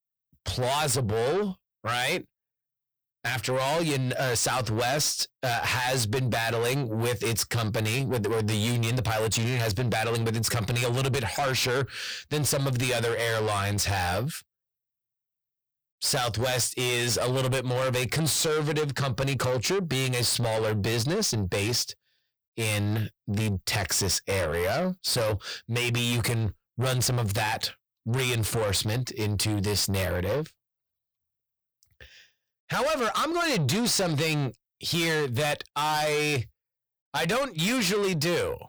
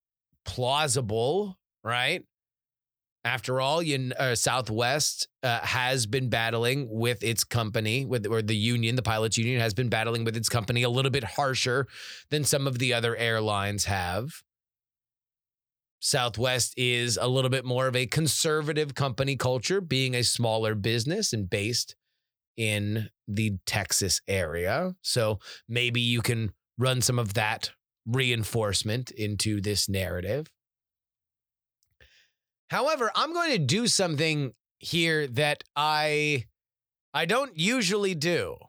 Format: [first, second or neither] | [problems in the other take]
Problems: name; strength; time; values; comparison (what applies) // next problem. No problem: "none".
second | distortion; heavy; 6 dB below the speech